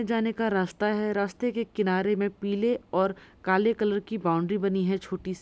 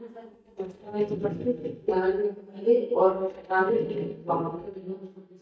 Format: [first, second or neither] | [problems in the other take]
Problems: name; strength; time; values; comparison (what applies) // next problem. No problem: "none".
first | noise reduction (neural mask model DeepFilterNet 3)